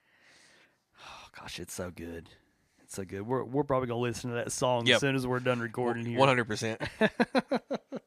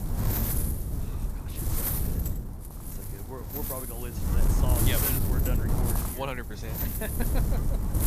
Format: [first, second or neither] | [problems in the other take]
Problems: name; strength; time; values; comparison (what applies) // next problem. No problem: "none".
first | wind noise on the microphone; heavy; 1 dB above the speech